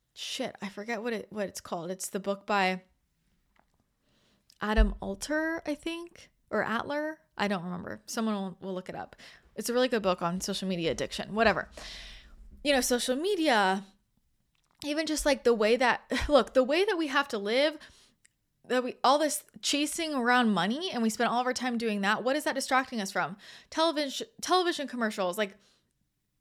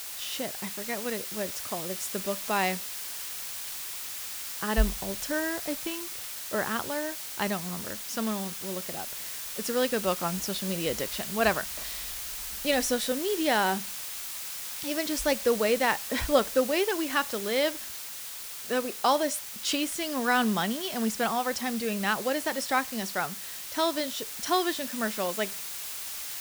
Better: first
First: none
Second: hiss; loud; throughout; 5 dB below the speech

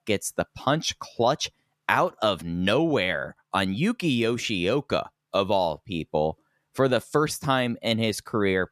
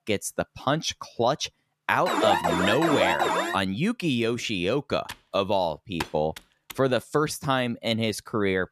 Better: first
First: none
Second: alarm; loud; from 2 to 3.5 s; peak 3 dB above the speech // keyboard typing; noticeable; from 5 to 6.5 s; peak 9 dB below the speech

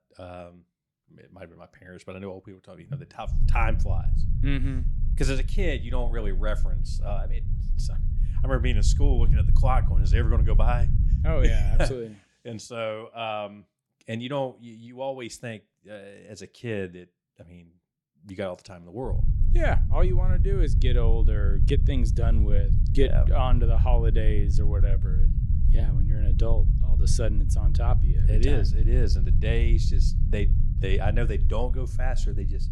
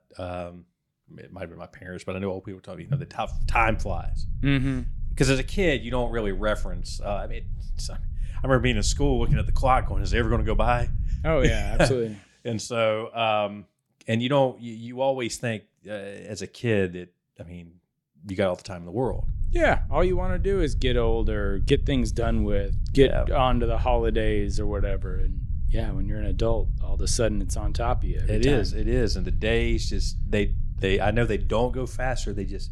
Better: second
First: low rumble; loud; from 3.5 to 12 s and from 19 s on; 9 dB below the speech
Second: low rumble; faint; from 3.5 to 12 s and from 19 s on; 20 dB below the speech

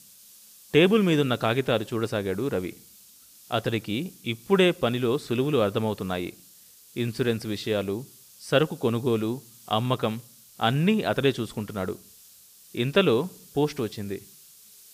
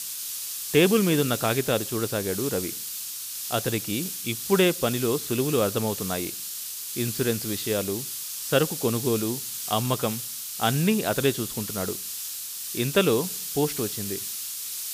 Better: first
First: hiss; faint; throughout; 25 dB below the speech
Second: hiss; loud; throughout; 5 dB below the speech

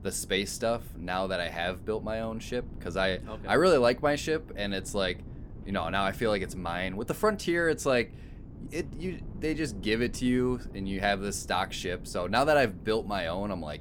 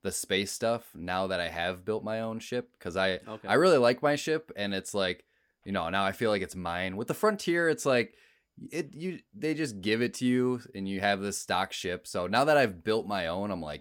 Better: second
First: wind noise on the microphone; occasional gusts; 25 dB below the speech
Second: none

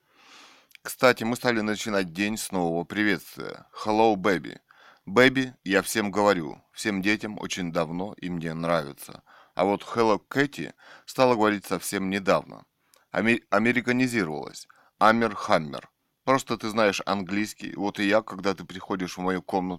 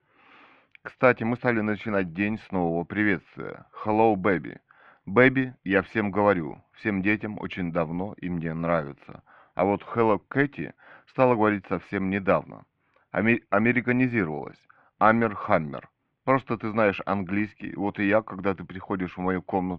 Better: first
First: none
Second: muffled; very; fading above 2.5 kHz

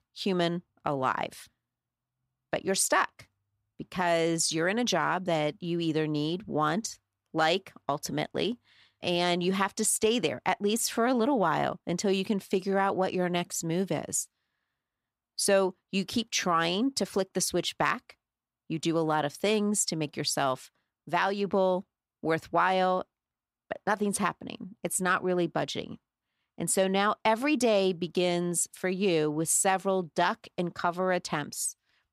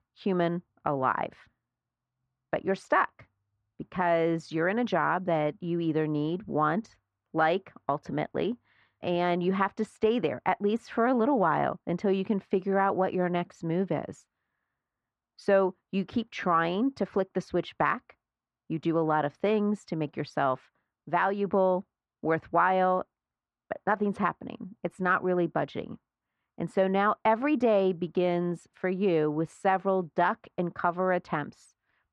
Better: first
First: none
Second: muffled; very; fading above 1.5 kHz

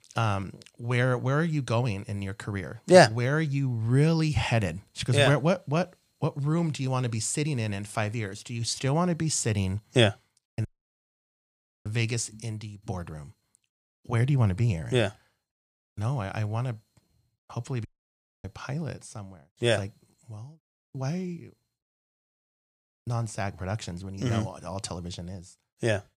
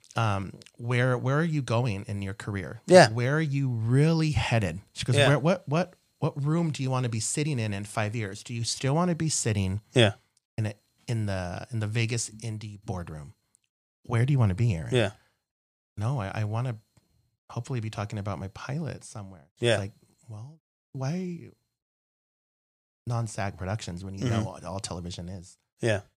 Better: second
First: audio cutting out; at 11 s for 1 s and at 18 s for 0.5 s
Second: none

